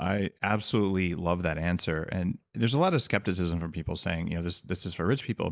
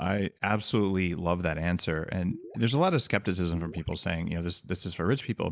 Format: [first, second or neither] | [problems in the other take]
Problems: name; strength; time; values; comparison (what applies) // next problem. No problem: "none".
first | background sound (Gurgling); 18 dB below the speech